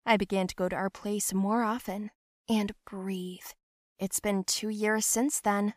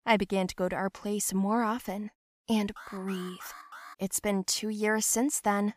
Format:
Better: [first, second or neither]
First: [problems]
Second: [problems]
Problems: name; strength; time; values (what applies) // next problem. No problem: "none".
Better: first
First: none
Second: alarm; faint; from 3 to 4 s; peak 15 dB below the speech